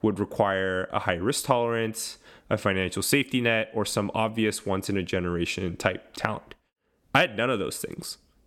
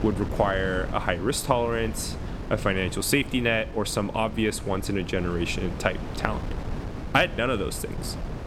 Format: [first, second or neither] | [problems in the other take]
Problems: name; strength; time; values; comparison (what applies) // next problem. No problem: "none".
first | wind noise on the microphone; occasional gusts; 15 dB below the speech